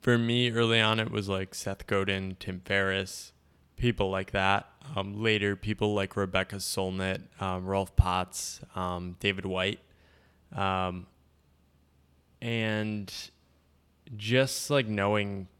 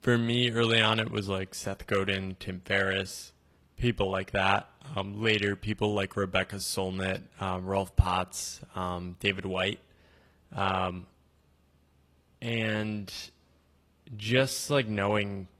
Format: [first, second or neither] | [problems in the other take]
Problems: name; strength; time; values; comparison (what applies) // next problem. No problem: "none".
first | garbled, watery; slightly